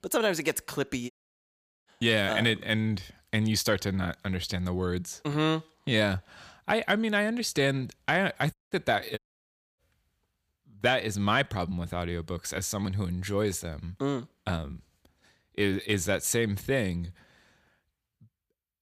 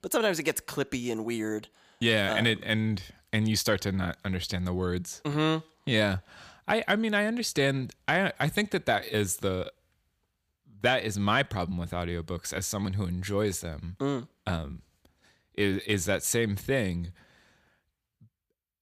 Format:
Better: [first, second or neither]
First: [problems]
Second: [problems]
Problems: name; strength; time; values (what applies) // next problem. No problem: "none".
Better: second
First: audio cutting out; at 1 s for 1 s, at 8.5 s and at 9 s for 0.5 s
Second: none